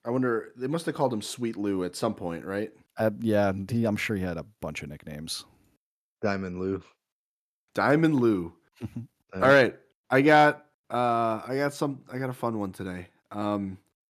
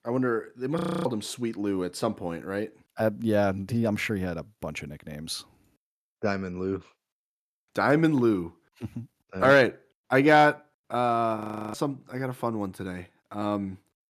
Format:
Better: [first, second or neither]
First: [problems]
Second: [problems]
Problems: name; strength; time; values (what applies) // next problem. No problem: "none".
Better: first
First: none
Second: audio freezing; at 1 s and at 11 s